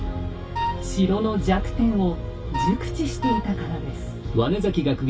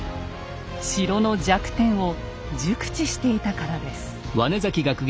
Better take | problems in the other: second | background sound (Wind instrument, woodwind instrument); 5 dB below the speech // room echo; dies away in 0.1 s

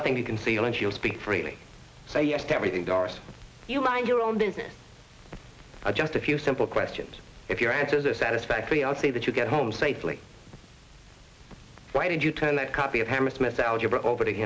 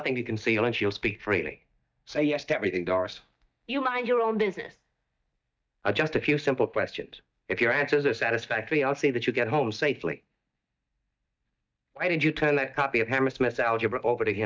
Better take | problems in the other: first | noise reduction (neural mask model DeepFilterNet 3)

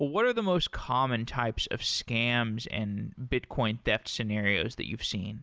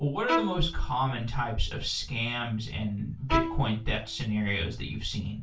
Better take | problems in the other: first | background sound (Bowed string instrument); 6 dB below the speech // room echo; dies away in 0.2 s

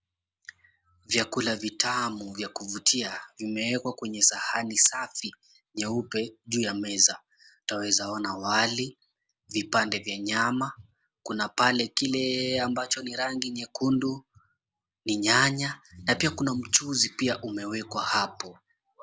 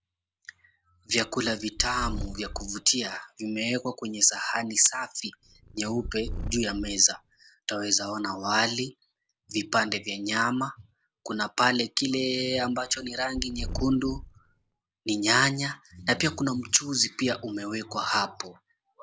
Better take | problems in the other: first | background sound (Purr); 9 dB below the speech

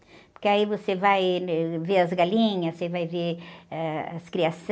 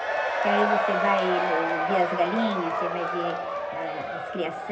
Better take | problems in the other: first | background sound (Crowd / Cheering); 2 dB above the speech // room echo; dies away in 0.4 s

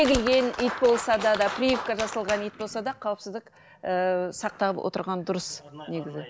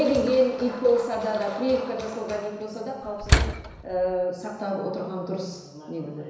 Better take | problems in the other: first | background sound (Slam); 1 dB above the speech // room echo; dies away in 1 s

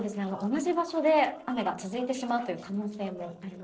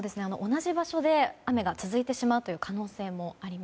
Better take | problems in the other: second | noise reduction (neural separator model SepFormer DNS4)

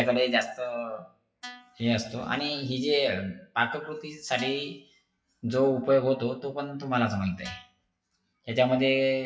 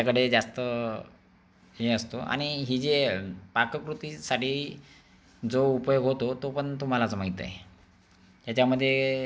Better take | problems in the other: second | noise reduction (classical method WPE with log-MMSE)

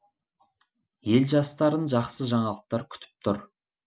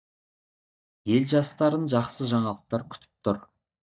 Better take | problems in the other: first | noise reduction (neural mask model DeepFilterNet 3)

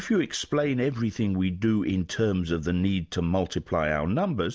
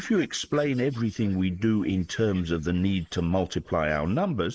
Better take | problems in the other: first | noise reduction (neural mask model Resemble Enhance denoiser)

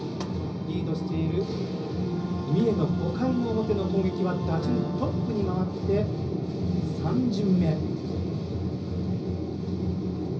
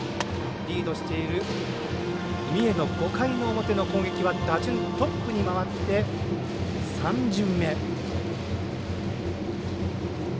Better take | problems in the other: second | background sound (Electric guitar); 19 dB below the speech // room echo; dies away in 0.5 s

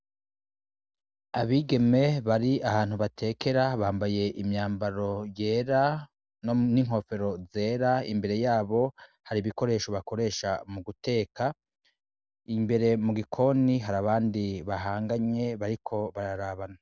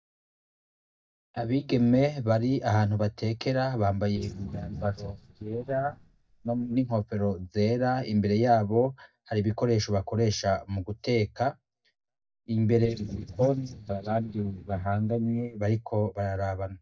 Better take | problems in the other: first | noise reduction (neural mask model DeepFilterNet 3)

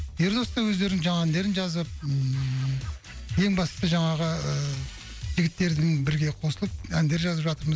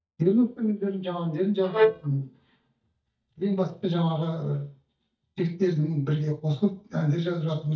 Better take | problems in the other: first | noise reduction (neural mask model DeepFilterNet 3)

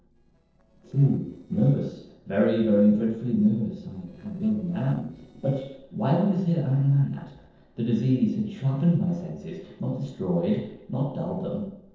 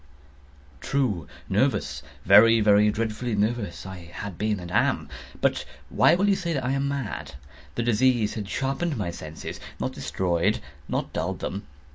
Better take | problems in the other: second | noise reduction (neural separator model SepFormer DNS4)

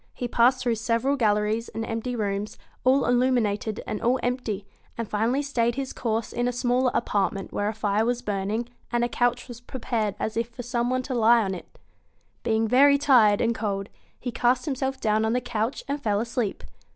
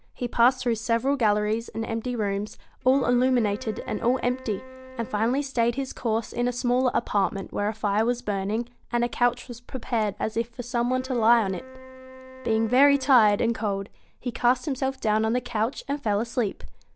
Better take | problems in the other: first | background sound (Wind instrument, woodwind instrument); 18 dB below the speech

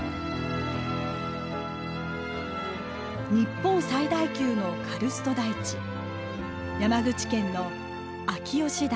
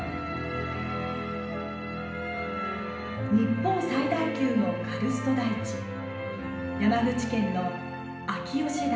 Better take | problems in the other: first | room echo; dies away in 0.8 s

